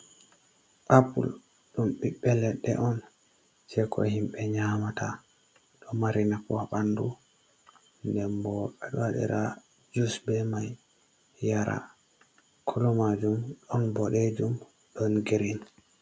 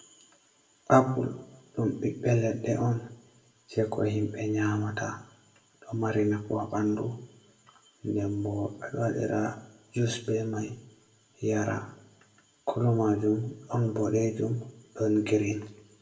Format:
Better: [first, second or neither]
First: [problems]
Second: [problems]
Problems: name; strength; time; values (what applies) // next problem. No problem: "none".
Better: first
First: none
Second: room echo; dies away in 0.5 s